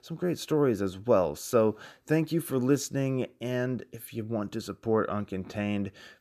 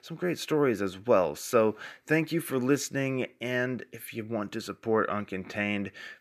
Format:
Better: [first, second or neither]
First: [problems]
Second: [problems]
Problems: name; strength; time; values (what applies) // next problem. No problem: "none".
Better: first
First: none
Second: thin; very slightly; fading below 300 Hz